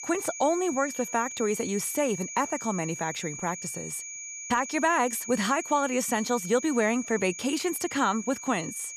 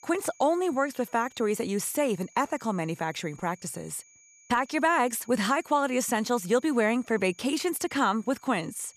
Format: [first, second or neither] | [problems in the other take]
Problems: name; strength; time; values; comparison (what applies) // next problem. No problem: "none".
second | high-pitched whine; loud; throughout; 6.5 kHz, 9 dB below the speech; faint in the second